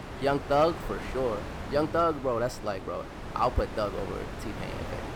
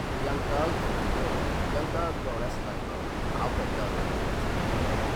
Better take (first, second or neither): first